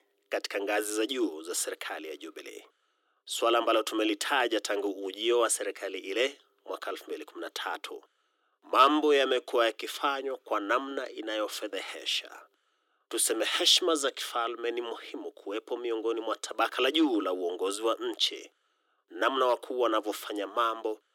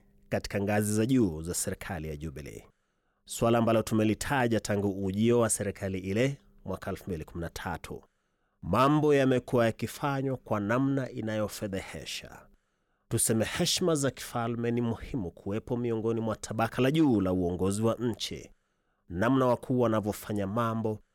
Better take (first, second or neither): second